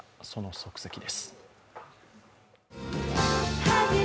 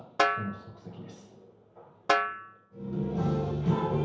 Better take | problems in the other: first | background sound (Snare drum); 1 dB below the speech // room echo; dies away in 0.9 s

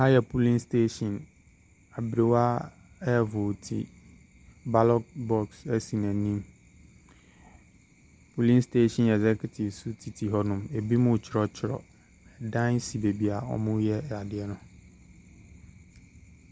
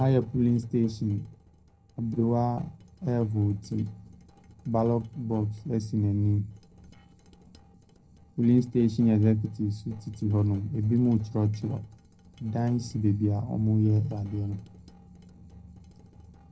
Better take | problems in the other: first | noise reduction (neural separator model SepFormer DNS4)

